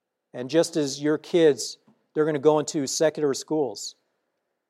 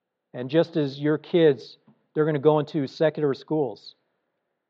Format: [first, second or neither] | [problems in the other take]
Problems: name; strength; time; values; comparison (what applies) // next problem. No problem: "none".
first | muffled; slightly; fading above 4 kHz